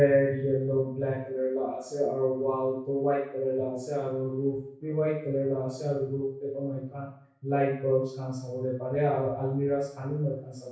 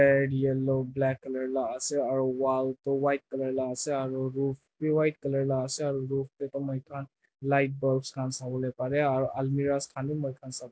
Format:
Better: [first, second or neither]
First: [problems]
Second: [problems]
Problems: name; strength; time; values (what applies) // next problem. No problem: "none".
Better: second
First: room echo; dies away in 0.6 s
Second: none